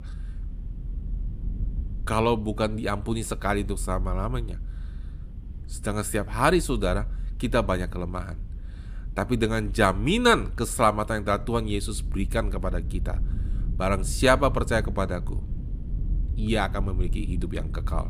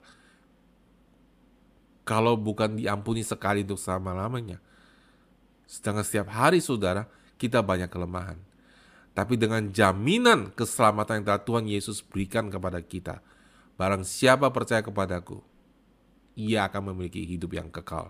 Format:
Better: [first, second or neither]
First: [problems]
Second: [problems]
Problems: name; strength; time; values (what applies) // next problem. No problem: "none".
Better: second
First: low rumble; faint; throughout; 25 dB below the speech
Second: none